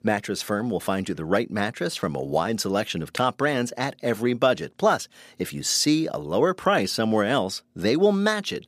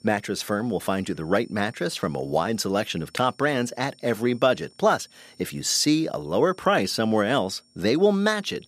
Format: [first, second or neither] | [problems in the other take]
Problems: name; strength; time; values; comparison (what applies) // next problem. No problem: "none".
first | high-pitched whine; faint; throughout; 5.5 kHz, 30 dB below the speech